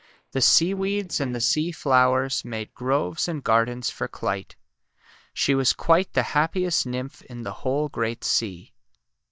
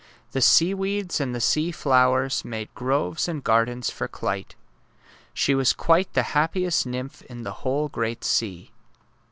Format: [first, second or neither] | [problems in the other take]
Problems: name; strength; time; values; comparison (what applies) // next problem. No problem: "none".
second | noise reduction (neural mask model DeepFilterNet 3)